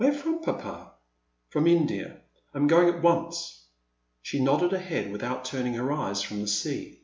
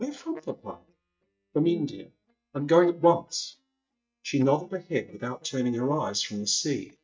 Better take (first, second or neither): first